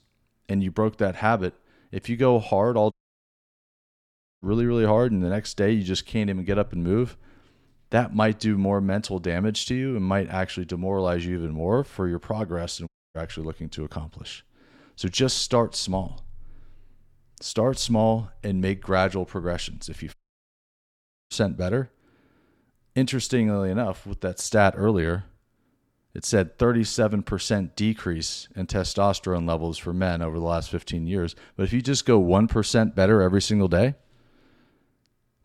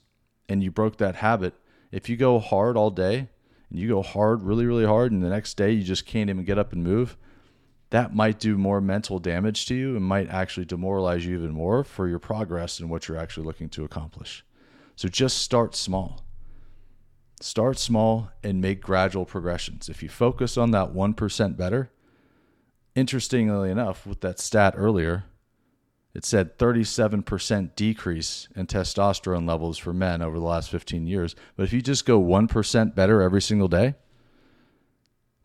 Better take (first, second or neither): second